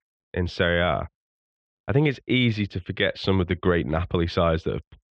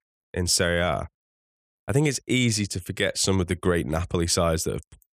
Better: second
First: muffled; very; fading above 3.5 kHz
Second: none

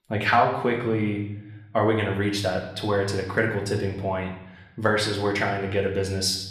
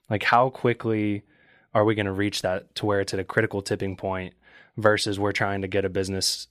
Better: second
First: room echo; slight; dies away in 0.8 s // off-mic speech; somewhat distant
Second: none

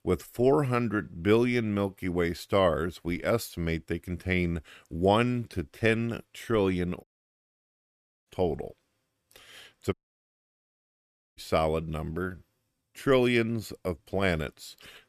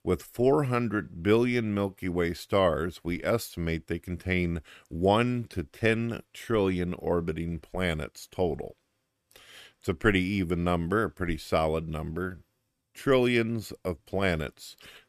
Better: second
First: audio cutting out; at 7 s for 1 s and at 10 s for 1.5 s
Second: none

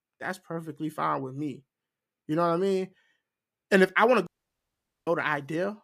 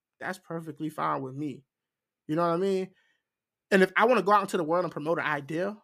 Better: second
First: audio cutting out; at 4.5 s for 1 s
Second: none

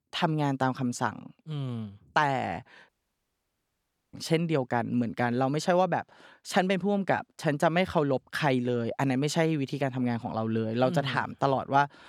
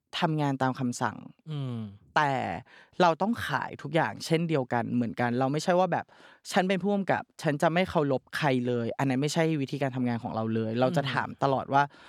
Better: second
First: audio cutting out; at 3 s for 1 s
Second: none

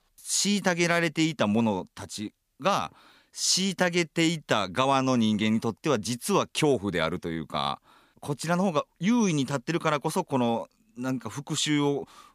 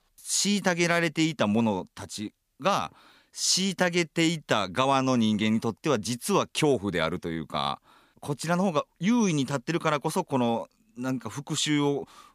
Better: neither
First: none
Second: none

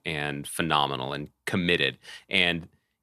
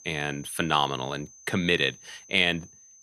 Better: first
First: none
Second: high-pitched whine; faint; throughout; 6 kHz, 20 dB below the speech

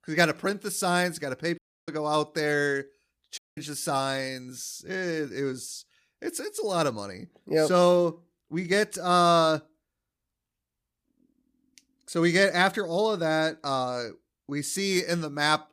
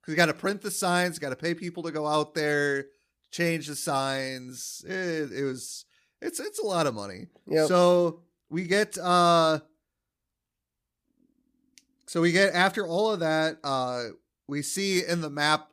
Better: second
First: audio cutting out; at 1.5 s and at 3.5 s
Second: none

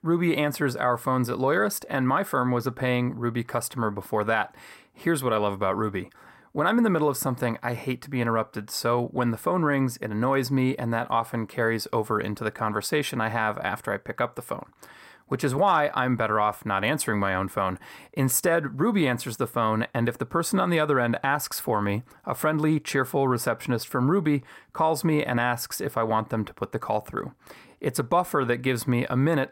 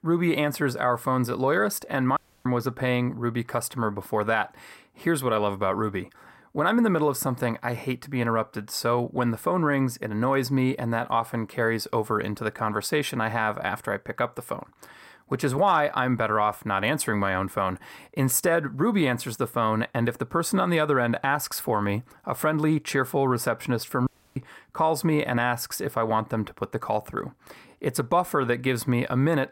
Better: first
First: none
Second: audio cutting out; at 2 s and at 24 s

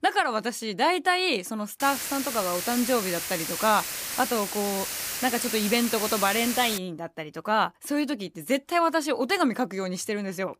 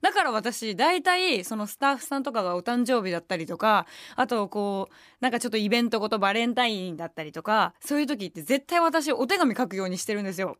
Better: second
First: hiss; loud; from 2 to 7 s; 3 dB below the speech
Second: none

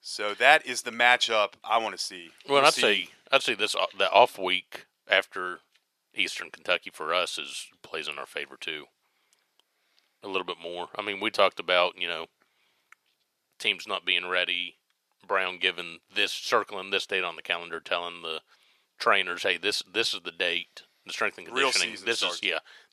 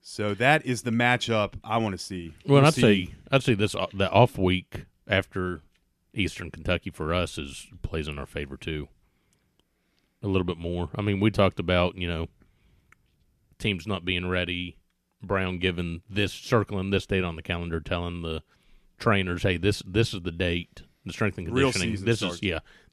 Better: second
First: thin; very; fading below 700 Hz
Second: none

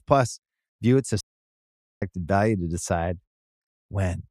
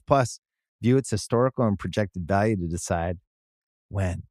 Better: second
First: audio cutting out; at 1 s for 1 s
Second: none

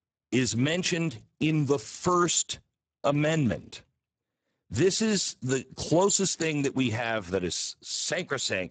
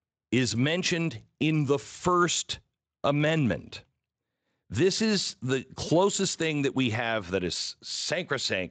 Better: second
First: garbled, watery; badly; nothing above 7.5 kHz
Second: garbled, watery; slightly; nothing above 7.5 kHz

